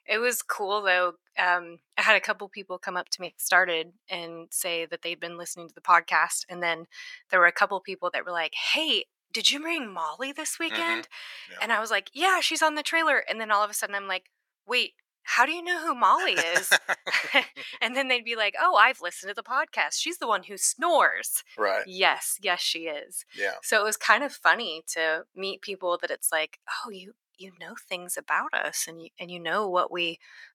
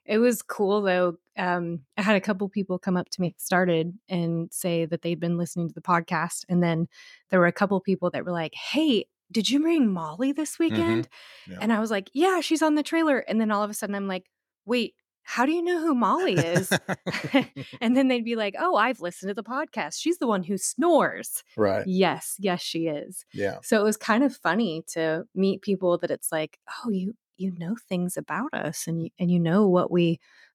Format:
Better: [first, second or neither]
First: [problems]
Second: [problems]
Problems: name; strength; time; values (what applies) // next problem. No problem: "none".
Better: second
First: thin; very; fading below 800 Hz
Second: none